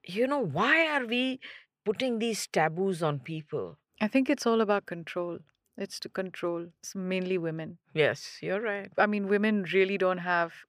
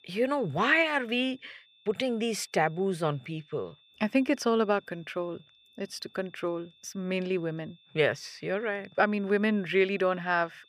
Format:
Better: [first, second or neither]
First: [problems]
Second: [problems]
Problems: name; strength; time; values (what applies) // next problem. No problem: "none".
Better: first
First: none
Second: high-pitched whine; faint; throughout; 3.5 kHz, 30 dB below the speech